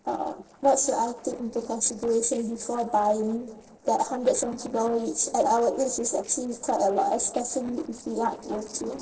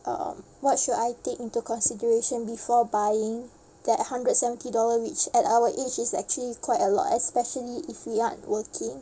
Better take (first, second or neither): second